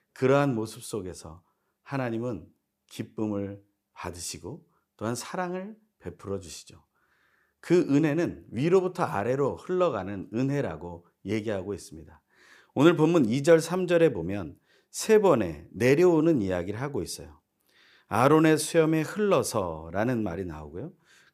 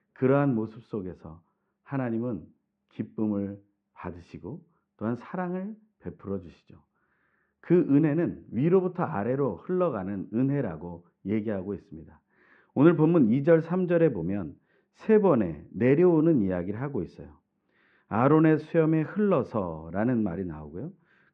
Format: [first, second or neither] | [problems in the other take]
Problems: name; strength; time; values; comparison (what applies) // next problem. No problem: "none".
first | muffled; very; fading above 2 kHz